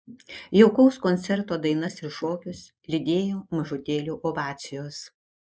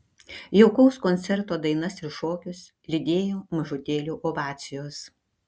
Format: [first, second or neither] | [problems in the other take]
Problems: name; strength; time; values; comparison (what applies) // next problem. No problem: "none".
second | noise reduction (neural mask model Resemble Enhance denoiser)